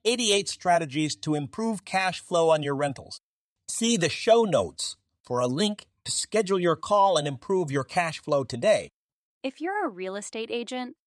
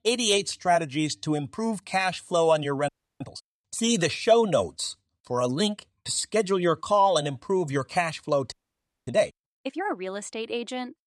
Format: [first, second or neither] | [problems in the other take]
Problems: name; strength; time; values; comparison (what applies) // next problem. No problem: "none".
first | audio freezing; at 3 s and at 8.5 s for 0.5 s